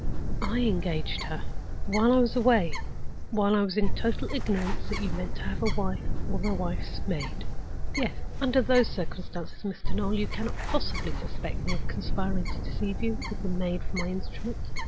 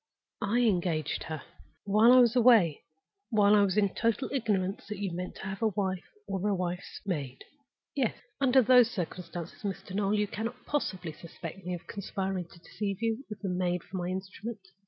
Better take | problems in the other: second | background sound (Bird); 3 dB above the speech

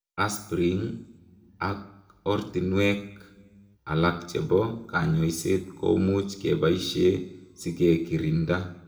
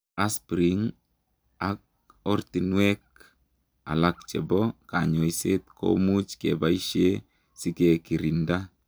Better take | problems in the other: second | room echo; dies away in 0.7 s

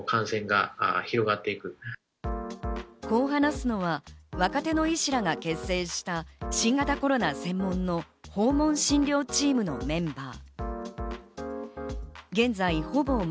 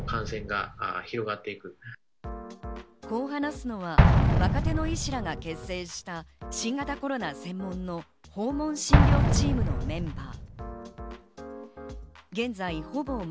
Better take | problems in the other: first | background sound (Explosion); 5 dB above the speech

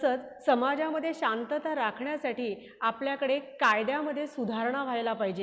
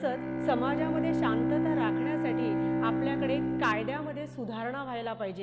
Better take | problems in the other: first | background sound (Bowed string instrument); 3 dB above the speech

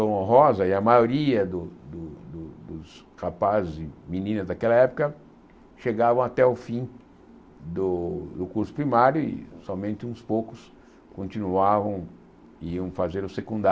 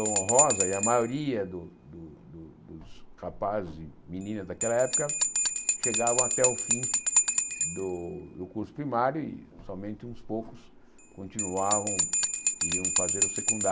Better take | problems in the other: first | background sound (Bell); 2 dB above the speech

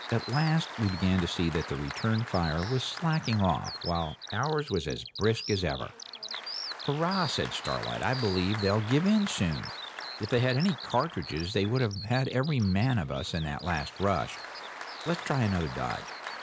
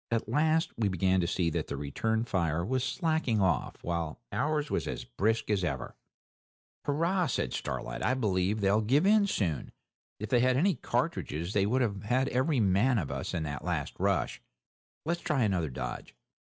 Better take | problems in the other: second | background sound (Bird vocalization, bird call, bird song + Applause); 11 dB below the speech

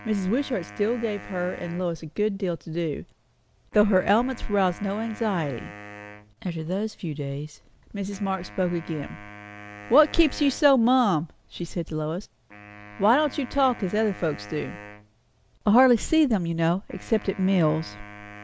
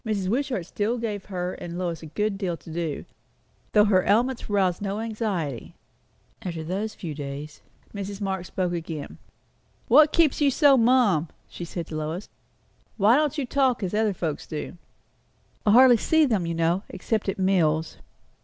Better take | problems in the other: second | background sound (Wind instrument, woodwind instrument); 19 dB below the speech

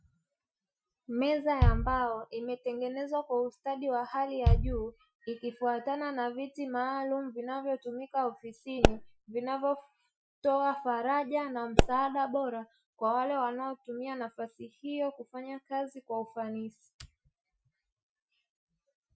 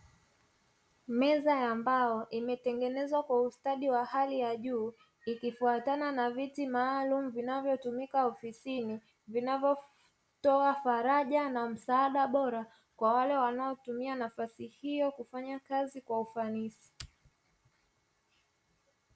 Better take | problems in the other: second | noise reduction (classical method Wiener filter)

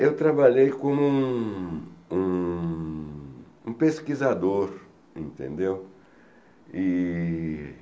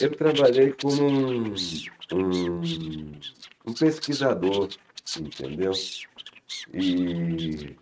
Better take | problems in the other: first | noise reduction (neural mask model RNNoise)

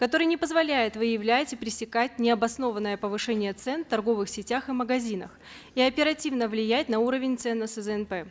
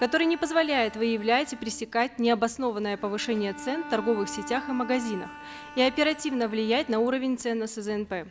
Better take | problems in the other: first | background sound (Bowed string instrument); 16 dB below the speech

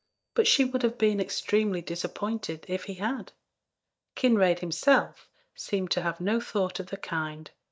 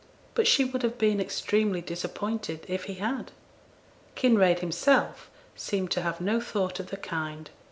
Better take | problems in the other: second | noise reduction (neural mask model DeepFilterNet 3)

